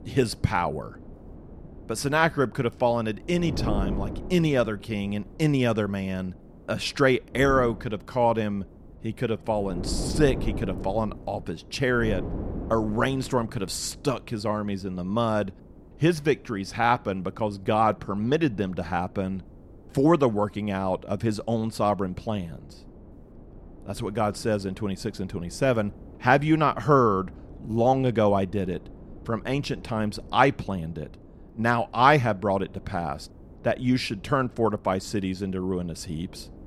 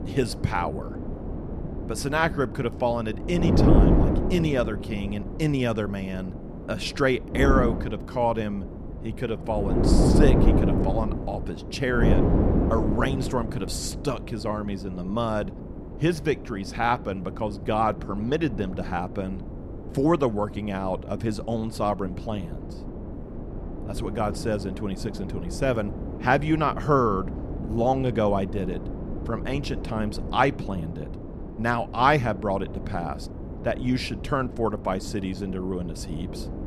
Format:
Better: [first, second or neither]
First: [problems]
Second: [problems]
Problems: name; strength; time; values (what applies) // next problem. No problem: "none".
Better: first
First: wind noise on the microphone; occasional gusts; 20 dB below the speech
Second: wind noise on the microphone; heavy; 8 dB below the speech